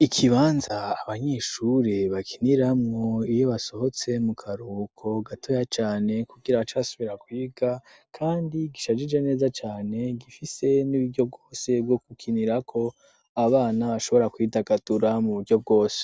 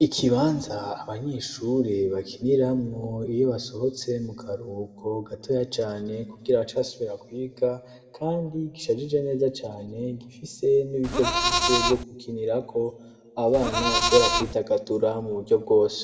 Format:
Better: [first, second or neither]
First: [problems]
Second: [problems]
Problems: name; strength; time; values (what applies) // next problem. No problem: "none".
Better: first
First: none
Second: background sound (Livestock, farm animals, working animals); 2 dB above the speech // room echo; dies away in 1.3 s